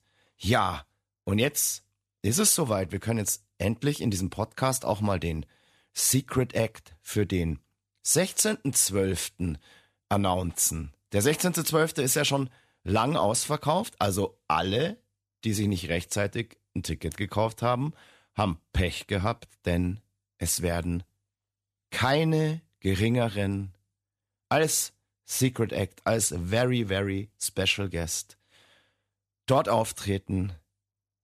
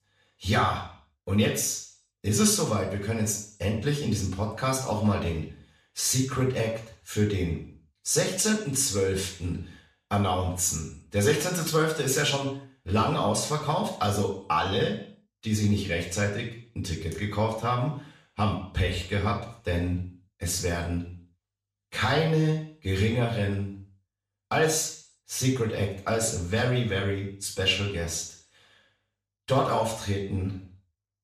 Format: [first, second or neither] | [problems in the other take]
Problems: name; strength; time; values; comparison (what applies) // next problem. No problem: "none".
first | room echo; noticeable; dies away in 0.5 s // off-mic speech; far